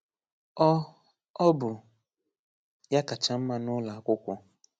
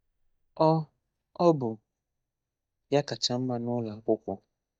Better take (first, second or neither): first